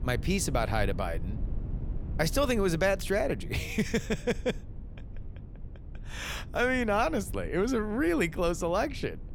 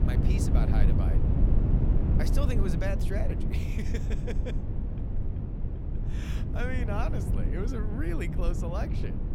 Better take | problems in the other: first | low rumble; loud; throughout; 2 dB below the speech; faint in the first

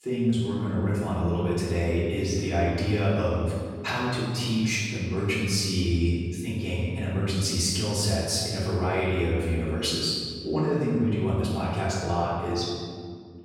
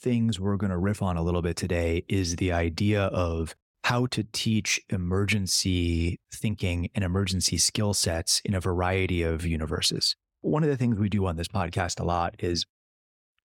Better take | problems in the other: second | off-mic speech; far // room echo; strong; dies away in 1.7 s

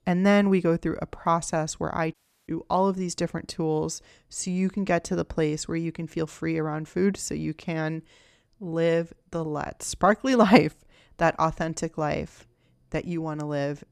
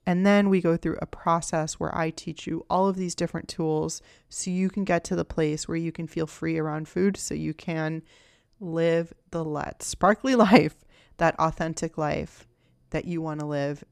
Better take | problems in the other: second | audio cutting out; at 2 s

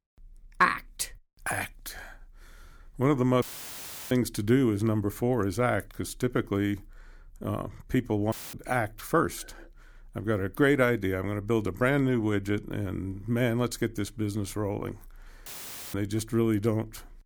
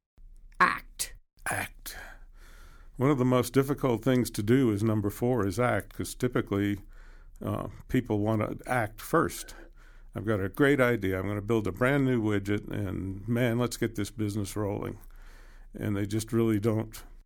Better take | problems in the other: second | audio cutting out; filled with static; at 3.5 s for 0.5 s, at 8.5 s and at 15 s

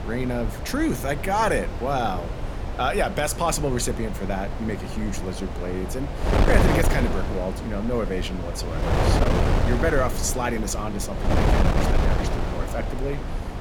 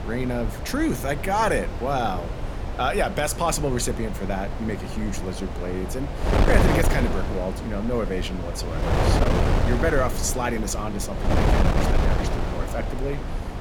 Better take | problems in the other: neither | wind noise on the microphone; heavy; 3 dB below the speech; the same in both

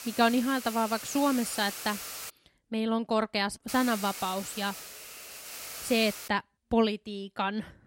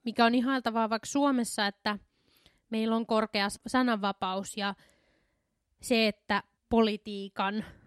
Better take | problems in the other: second | hiss; loud; until 2.5 s and from 3.5 to 6.5 s; 9 dB below the speech

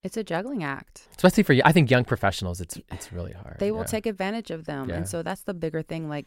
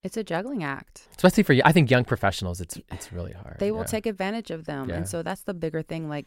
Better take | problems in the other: neither | none

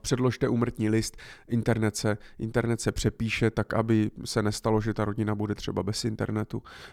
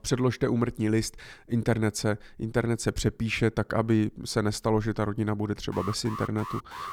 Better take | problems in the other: first | alarm; noticeable; from 5.5 s on; peak 10 dB below the speech

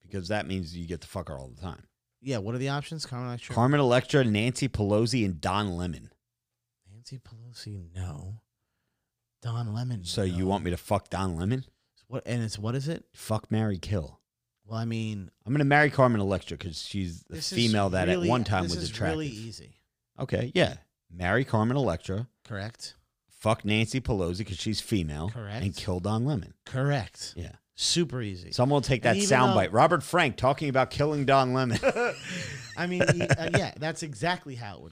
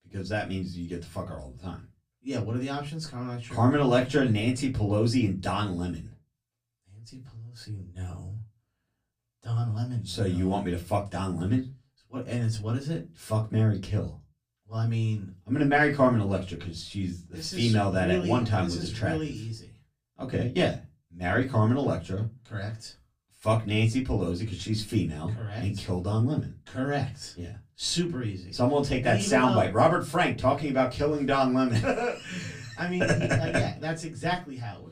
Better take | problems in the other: first | off-mic speech; far // room echo; very slight; dies away in 0.2 s

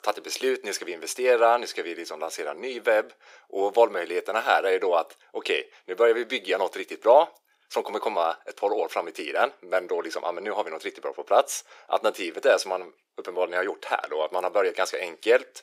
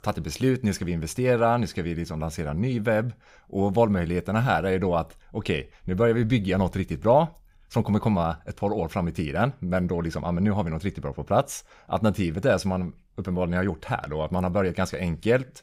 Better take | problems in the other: second | thin; very; fading below 350 Hz

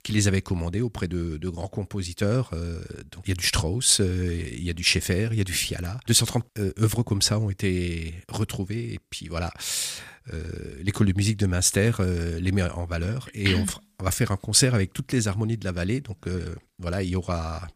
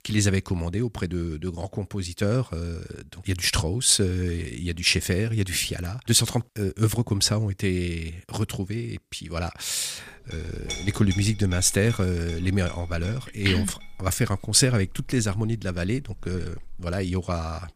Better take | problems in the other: first | clattering dishes; noticeable; from 10 to 17 s; peak 8 dB below the speech

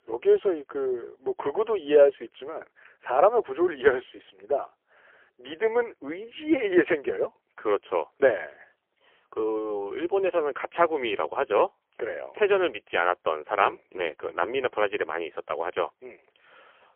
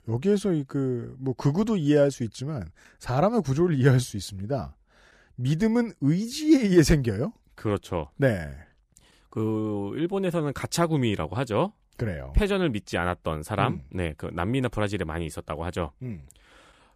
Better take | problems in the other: second | phone-call audio; poor line; nothing above 3 kHz

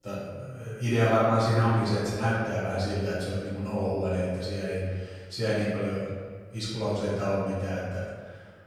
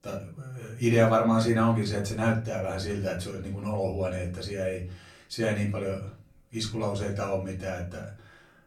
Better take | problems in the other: second | room echo; strong; dies away in 1.4 s; slight in the second // off-mic speech; far; far in the second

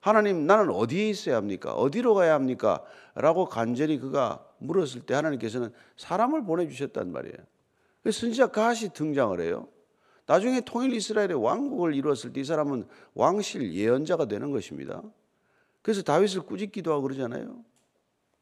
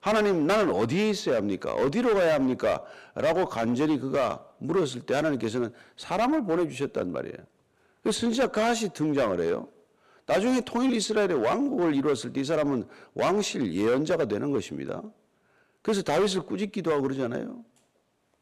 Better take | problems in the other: first | distortion; heavy; 10% of the sound clipped

